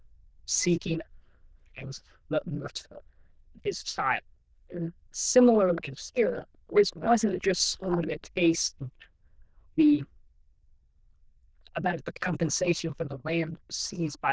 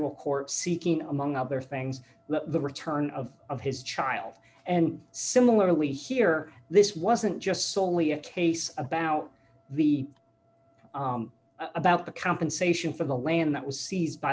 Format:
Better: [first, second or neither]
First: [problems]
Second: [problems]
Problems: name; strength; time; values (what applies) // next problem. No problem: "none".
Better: second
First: noise reduction (neural diffusion model UNIVERSE++)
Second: none